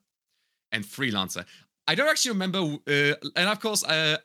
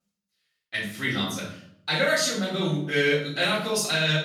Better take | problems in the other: first | off-mic speech; far // room echo; noticeable; dies away in 0.6 s

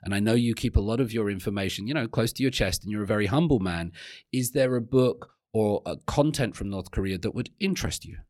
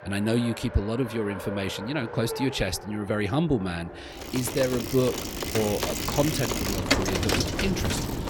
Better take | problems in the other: first | traffic noise; loud; throughout; 2 dB below the speech

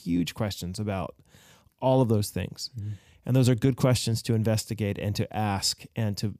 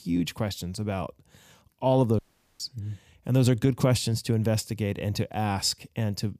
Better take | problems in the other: first | audio cutting out; at 2 s

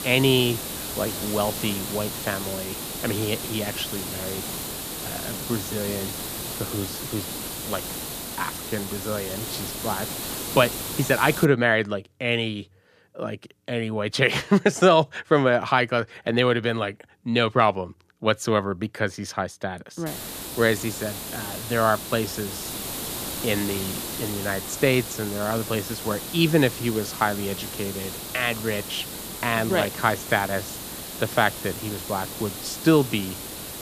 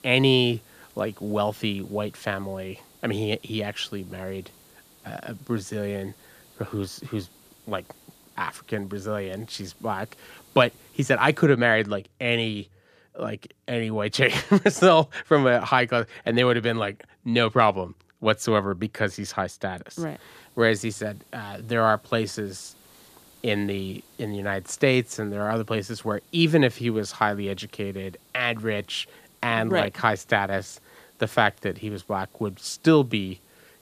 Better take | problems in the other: second | hiss; loud; until 11 s and from 20 s on; 6 dB below the speech; faint in the second

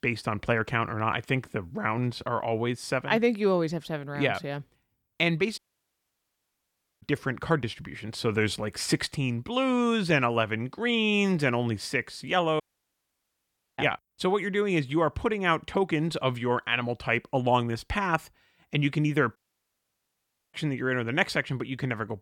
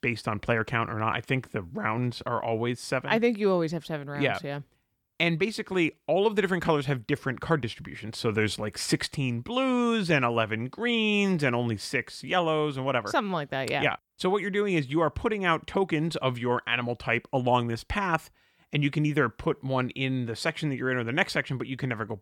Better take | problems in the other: second | audio cutting out; at 5.5 s for 1.5 s, at 13 s for 1 s and at 19 s for 1 s

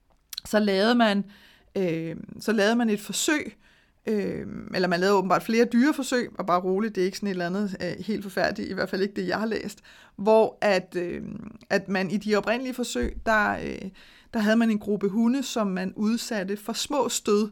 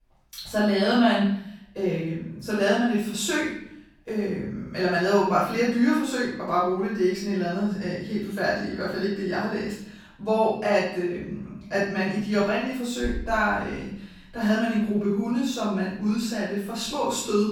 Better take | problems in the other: first | room echo; noticeable; dies away in 0.7 s // off-mic speech; far

